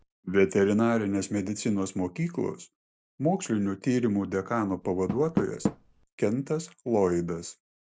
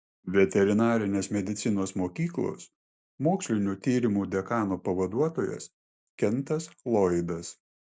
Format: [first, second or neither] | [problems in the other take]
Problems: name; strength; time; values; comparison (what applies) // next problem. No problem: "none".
second | background sound (Door); 13 dB below the speech